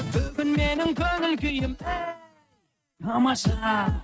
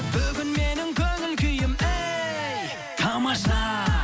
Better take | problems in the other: second | noise reduction (neural mask model RNNoise)

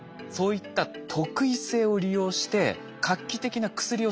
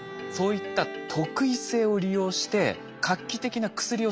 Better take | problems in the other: first | background sound (Bowed string instrument); 15 dB below the speech

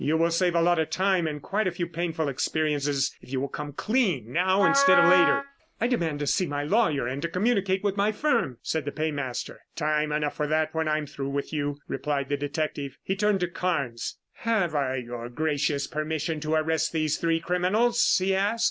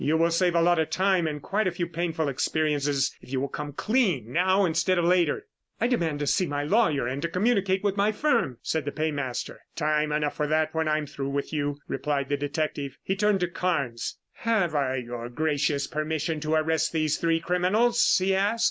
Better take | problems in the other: second | background sound (Wind instrument, woodwind instrument); as loud as the speech

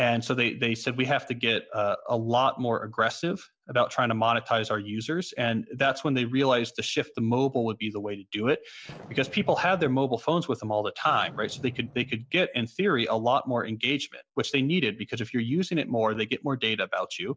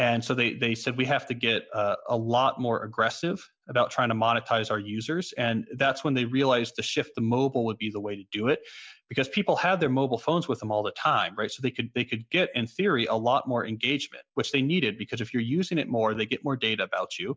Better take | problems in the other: second | noise reduction (neural separator model SepFormer DNS4)

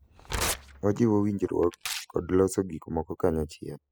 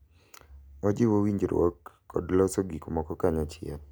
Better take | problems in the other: second | noise reduction (classical method spectral subtraction)

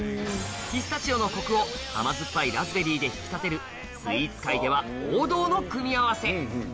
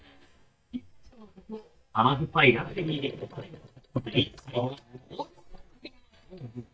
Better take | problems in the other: first | noise reduction (neural mask model DeepFilterNet 3)

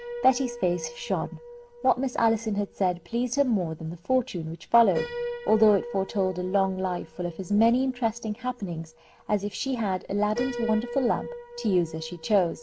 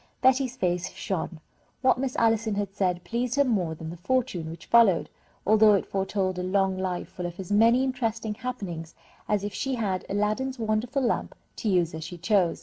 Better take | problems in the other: second | background sound (Piano); 13 dB below the speech

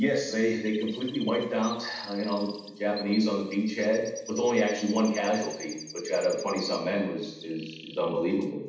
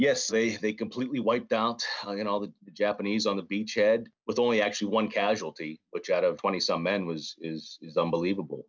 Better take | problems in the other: second | background sound (Chirp, tweet); 17 dB below the speech // room echo; dies away in 0.8 s

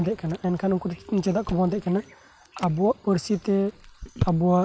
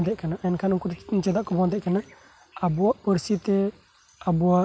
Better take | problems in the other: second | background sound (Chewing, mastication); 13 dB below the speech

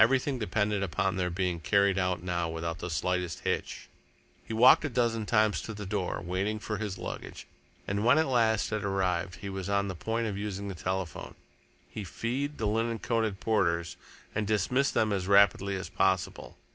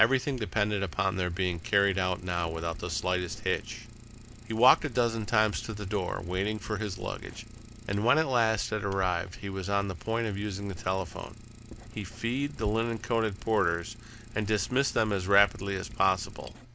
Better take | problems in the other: first | background sound (Idling + Writing); 17 dB below the speech

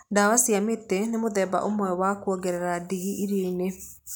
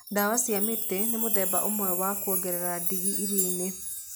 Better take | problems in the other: first | background sound (Chime); 1 dB above the speech

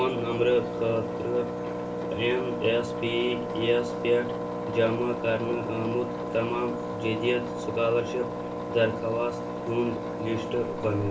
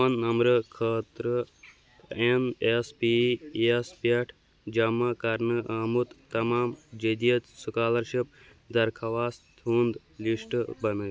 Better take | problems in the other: second | background sound (Engine); 4 dB below the speech // room echo; dies away in 0.3 s

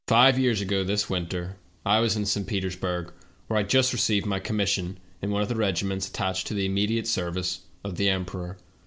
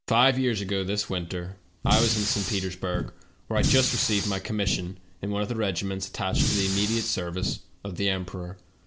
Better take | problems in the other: first | background sound (Fire); 1 dB below the speech

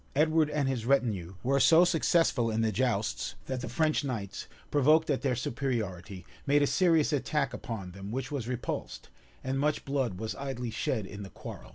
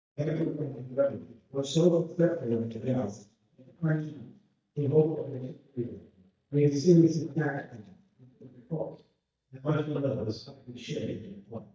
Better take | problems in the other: first | noise reduction (neural mask model DeepFilterNet 3)

